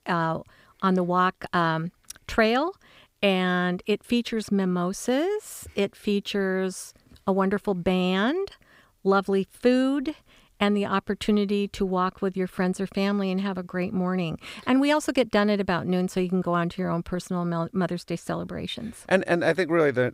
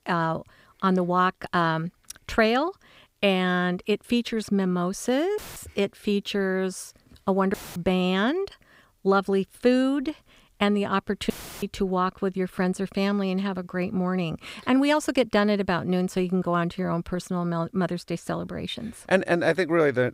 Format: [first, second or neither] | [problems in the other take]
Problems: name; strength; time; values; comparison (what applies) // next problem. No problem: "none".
first | audio cutting out; filled with static; at 5.5 s, at 7.5 s and at 11 s